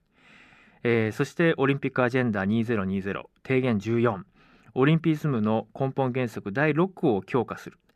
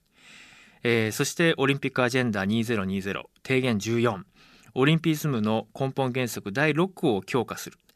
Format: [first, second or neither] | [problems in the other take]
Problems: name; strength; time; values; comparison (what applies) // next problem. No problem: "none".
second | muffled; slightly; fading above 3 kHz